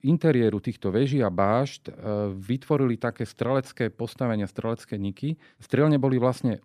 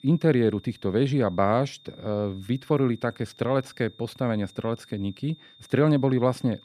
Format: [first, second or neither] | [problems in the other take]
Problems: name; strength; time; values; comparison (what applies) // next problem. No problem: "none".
first | high-pitched whine; faint; throughout; 3.5 kHz, 25 dB below the speech